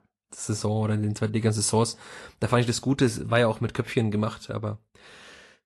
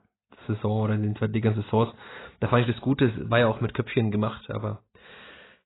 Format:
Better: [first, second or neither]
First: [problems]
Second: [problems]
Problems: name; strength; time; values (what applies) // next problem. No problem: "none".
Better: first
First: garbled, watery; slightly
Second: garbled, watery; badly; nothing above 4 kHz